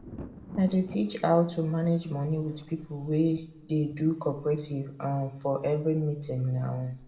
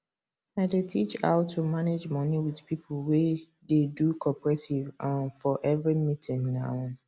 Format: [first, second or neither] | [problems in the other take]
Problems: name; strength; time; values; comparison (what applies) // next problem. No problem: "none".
second | background sound (Thunder); 20 dB below the speech // room echo; dies away in 0.9 s